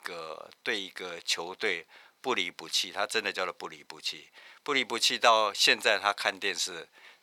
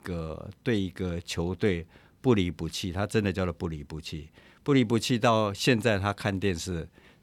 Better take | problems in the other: second | thin; very; fading below 800 Hz

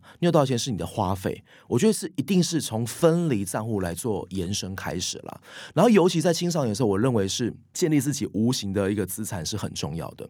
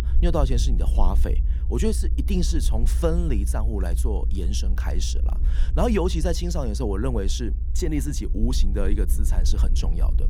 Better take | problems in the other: first | low rumble; noticeable; throughout; 15 dB below the speech

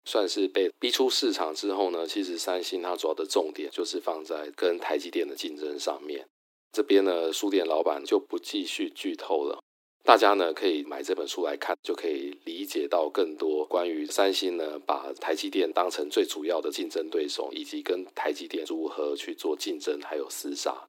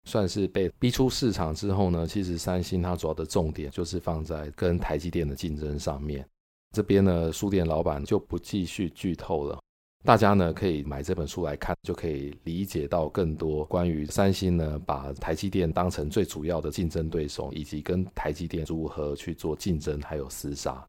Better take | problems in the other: second | thin; somewhat; fading below 300 Hz

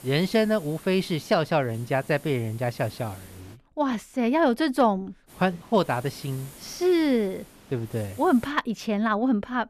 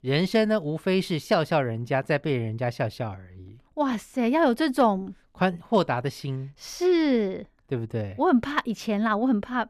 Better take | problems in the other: second | hiss; faint; until 3.5 s and from 5.5 to 8.5 s; 20 dB below the speech

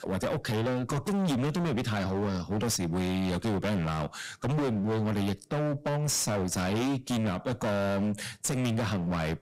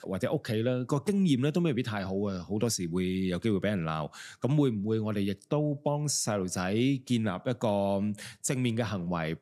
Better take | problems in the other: second | distortion; heavy; 35% of the sound clipped

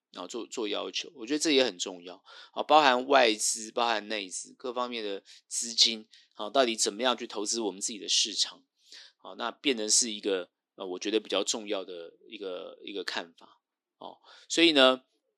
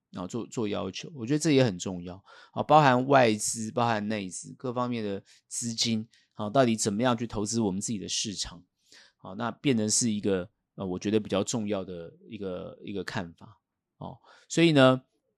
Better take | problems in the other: second | thin; somewhat; fading below 300 Hz

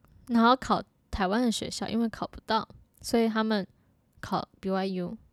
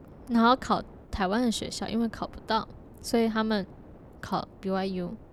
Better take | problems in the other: first | wind noise on the microphone; occasional gusts; 25 dB below the speech

